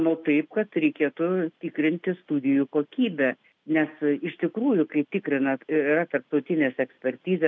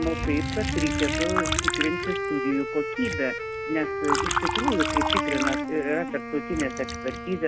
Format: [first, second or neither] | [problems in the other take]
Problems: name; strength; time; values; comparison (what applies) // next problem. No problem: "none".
first | background sound (Liquid + Wind instrument, woodwind instrument); 1 dB above the speech